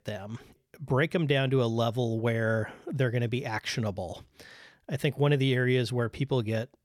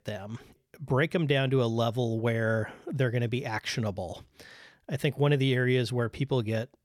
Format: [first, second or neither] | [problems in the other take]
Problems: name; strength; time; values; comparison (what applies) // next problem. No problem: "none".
neither | none